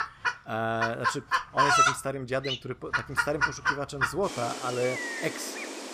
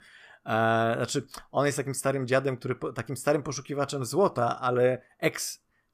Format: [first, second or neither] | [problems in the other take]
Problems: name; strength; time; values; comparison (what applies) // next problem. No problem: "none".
second | animal sounds; very loud; throughout; 4 dB above the speech